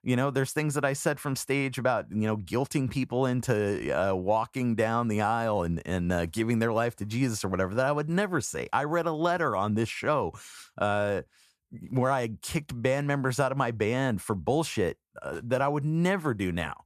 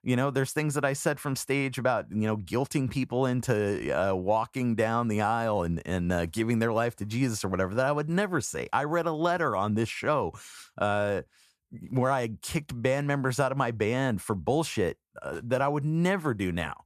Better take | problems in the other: neither | none

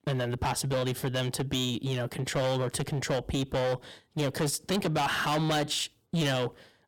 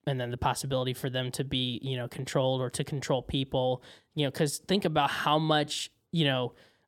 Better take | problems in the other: second | distortion; heavy; 17% of the sound clipped

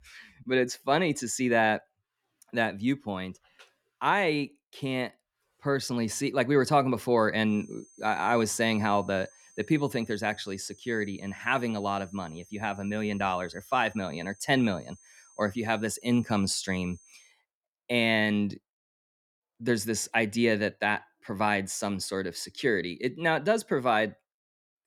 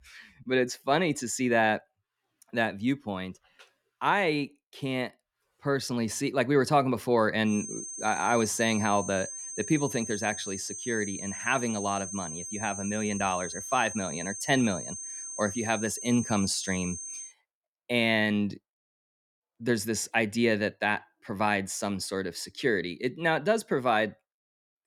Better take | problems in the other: first | high-pitched whine; loud; from 7.5 to 17 s; 6.5 kHz, 8 dB below the speech; faint in the first

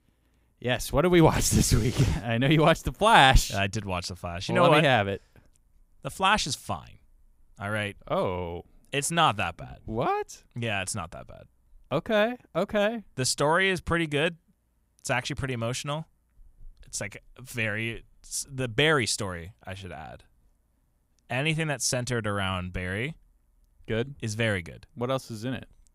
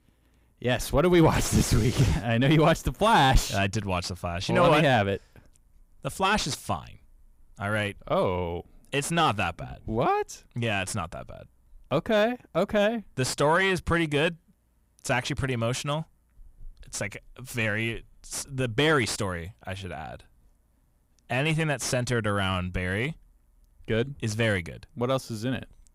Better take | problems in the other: first | distortion; slight; 10 dB below the speech

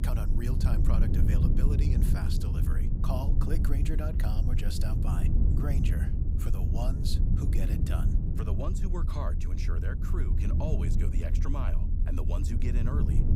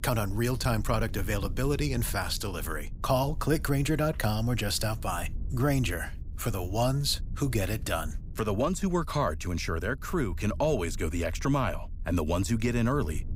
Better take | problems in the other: second | low rumble; loud; throughout; 1 dB below the speech; faint in the second

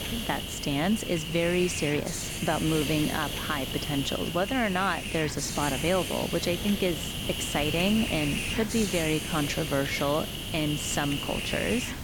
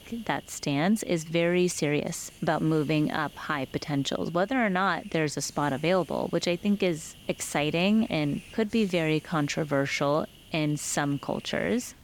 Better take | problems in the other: second | hiss; loud; throughout; 3 dB below the speech; faint in the second

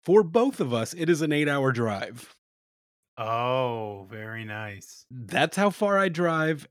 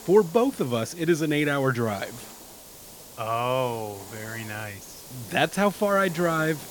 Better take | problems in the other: first | hiss; noticeable; throughout; 15 dB below the speech

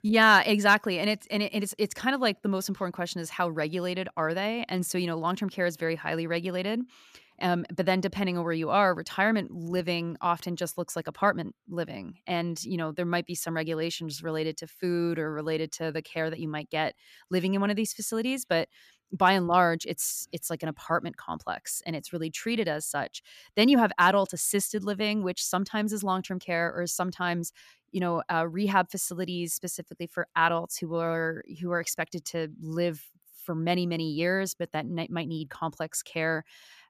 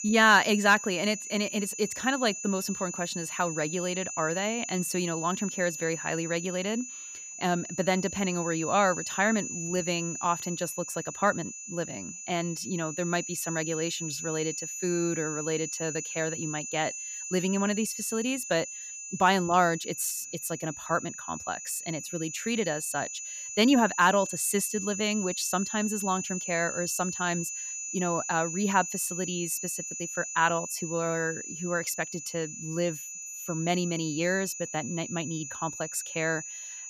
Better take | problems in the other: first | high-pitched whine; loud; throughout; 7 kHz, 6 dB below the speech

